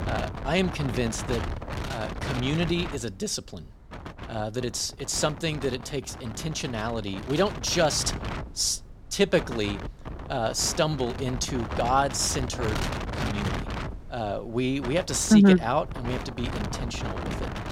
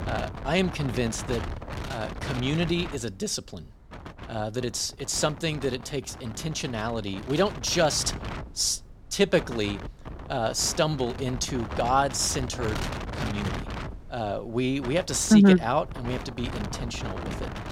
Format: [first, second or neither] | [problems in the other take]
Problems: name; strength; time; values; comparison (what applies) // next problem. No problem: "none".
second | wind noise on the microphone; heavy; 9 dB below the speech; occasional gusts in the second